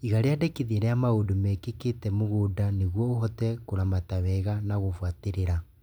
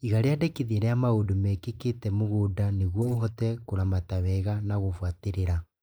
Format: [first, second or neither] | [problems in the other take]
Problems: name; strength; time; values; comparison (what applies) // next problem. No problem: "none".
first | noise reduction (neural mask model Resemble Enhance denoiser)